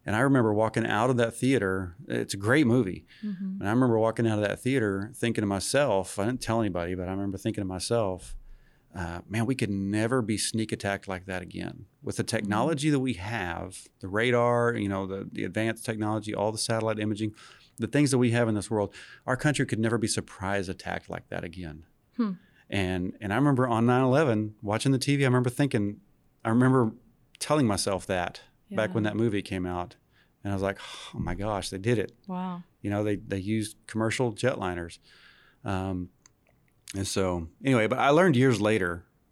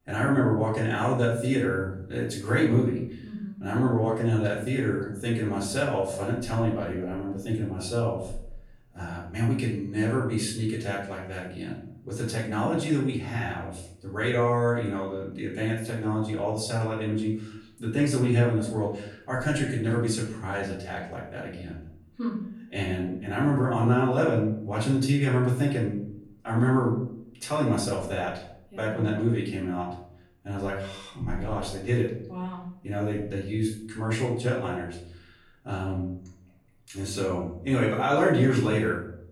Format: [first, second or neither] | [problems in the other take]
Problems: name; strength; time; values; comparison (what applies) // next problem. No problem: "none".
first | off-mic speech; far // room echo; noticeable; dies away in 0.6 s